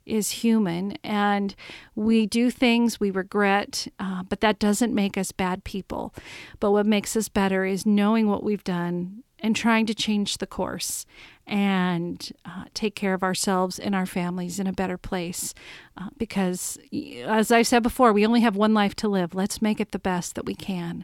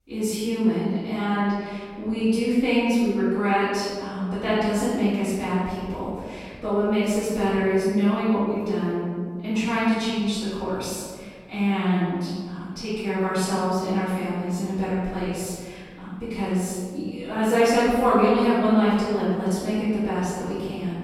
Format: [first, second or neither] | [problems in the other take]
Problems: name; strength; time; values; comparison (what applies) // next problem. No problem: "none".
first | off-mic speech; far // room echo; strong; dies away in 1.8 s